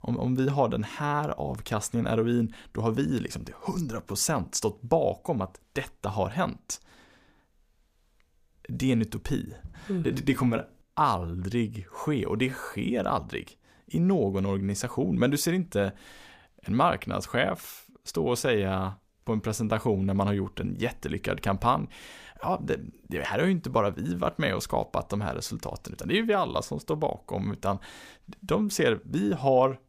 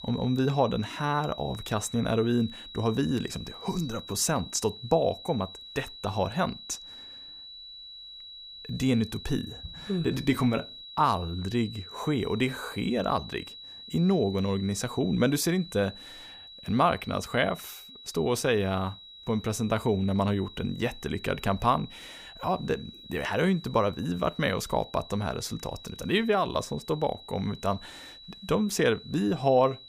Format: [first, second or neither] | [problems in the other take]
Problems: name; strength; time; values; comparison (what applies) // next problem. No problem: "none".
first | high-pitched whine; noticeable; throughout; 4 kHz, 15 dB below the speech